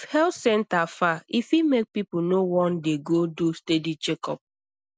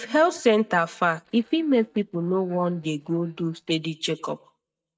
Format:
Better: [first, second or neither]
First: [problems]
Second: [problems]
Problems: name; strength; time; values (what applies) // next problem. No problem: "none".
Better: first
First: none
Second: noise reduction (neural mask model DeepFilterNet 3)